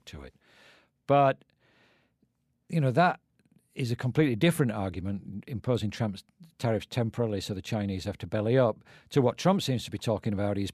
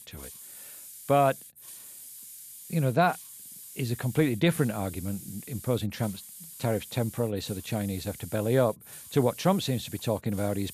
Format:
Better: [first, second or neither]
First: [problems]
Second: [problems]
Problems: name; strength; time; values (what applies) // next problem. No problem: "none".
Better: first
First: none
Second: hiss; noticeable; throughout; 15 dB below the speech